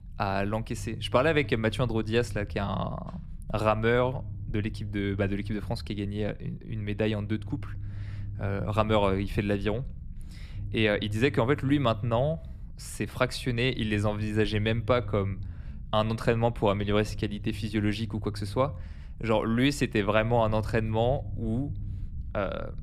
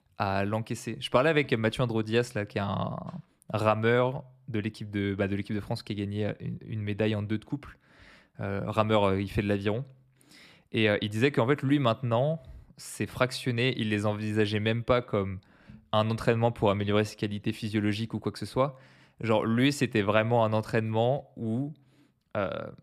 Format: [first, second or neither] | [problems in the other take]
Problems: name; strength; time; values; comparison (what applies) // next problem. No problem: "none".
second | low rumble; faint; throughout; 25 dB below the speech